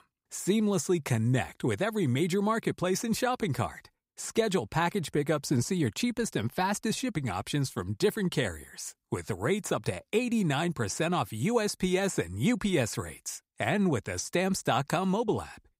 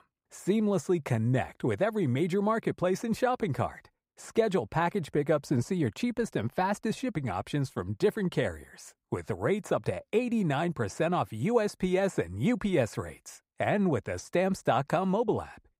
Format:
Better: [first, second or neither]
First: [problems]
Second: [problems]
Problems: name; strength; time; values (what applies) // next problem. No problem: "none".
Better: first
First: none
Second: muffled; slightly; fading above 3 kHz